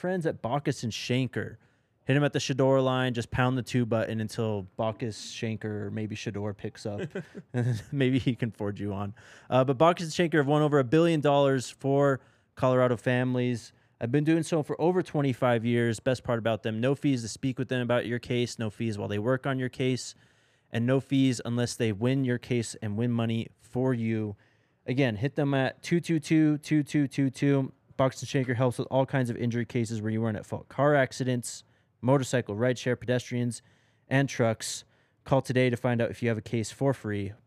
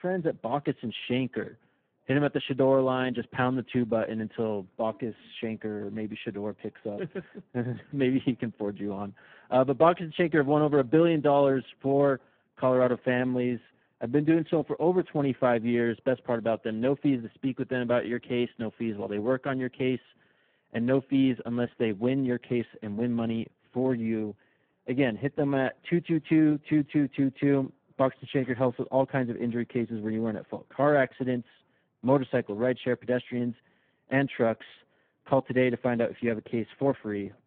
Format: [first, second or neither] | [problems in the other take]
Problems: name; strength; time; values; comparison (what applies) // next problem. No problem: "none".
first | phone-call audio; poor line